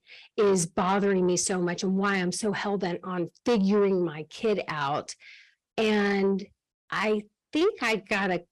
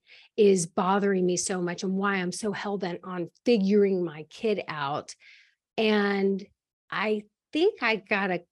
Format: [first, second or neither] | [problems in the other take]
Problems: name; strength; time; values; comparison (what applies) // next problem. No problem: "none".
second | distortion; slight; 10 dB below the speech